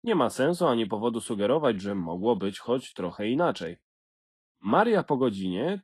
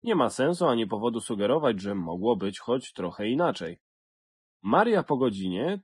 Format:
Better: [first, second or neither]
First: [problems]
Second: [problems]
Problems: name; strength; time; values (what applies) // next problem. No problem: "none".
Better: first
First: garbled, watery; slightly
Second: garbled, watery; badly; nothing above 10 kHz